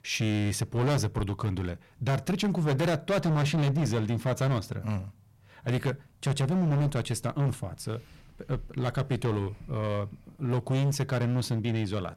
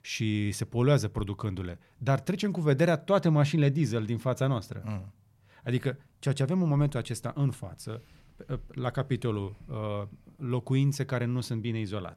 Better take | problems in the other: second | distortion; heavy; 15% of the sound clipped

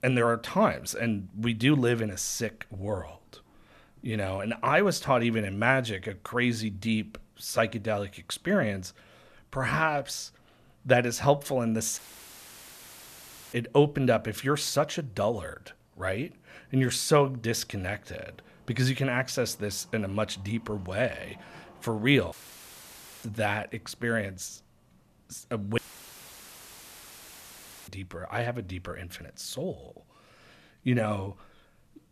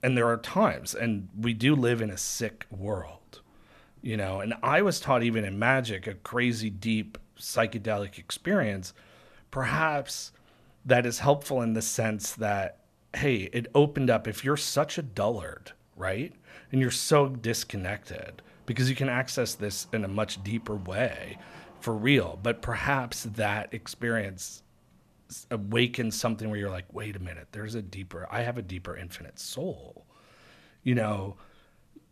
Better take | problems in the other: second | audio cutting out; filled with static; at 12 s for 1.5 s, at 22 s for 1 s and at 26 s for 2 s

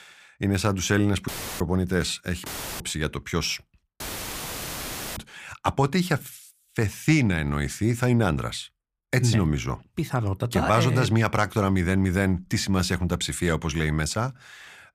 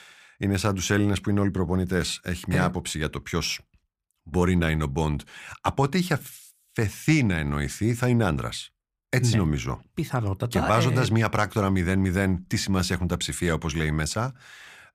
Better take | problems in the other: second | audio cutting out; filled with static; at 1.5 s, at 2.5 s and at 4 s for 1 s

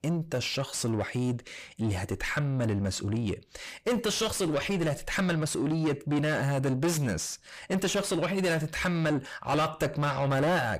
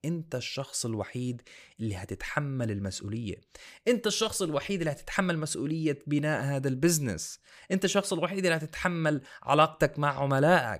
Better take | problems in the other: second | distortion; heavy; 6 dB below the speech

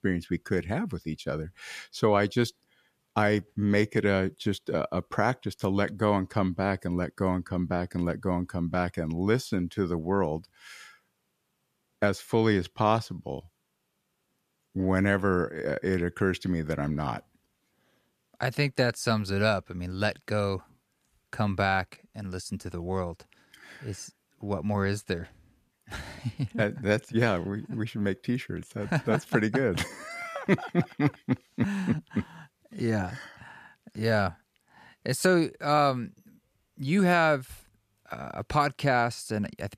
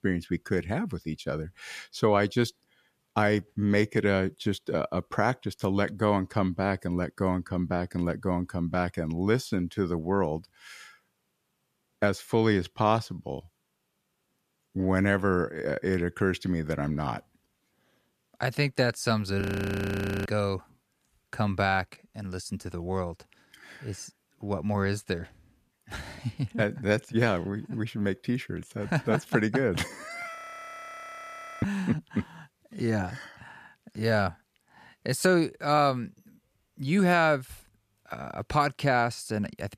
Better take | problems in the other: first | audio freezing; at 19 s for 1 s and at 30 s for 1.5 s

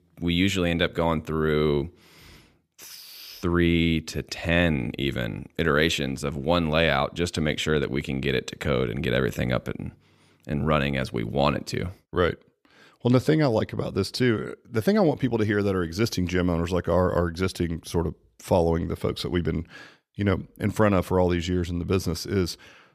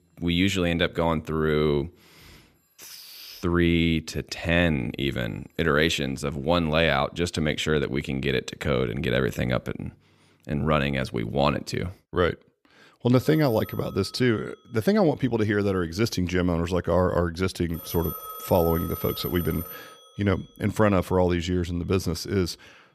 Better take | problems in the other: first | alarms or sirens; noticeable; throughout; 15 dB below the speech

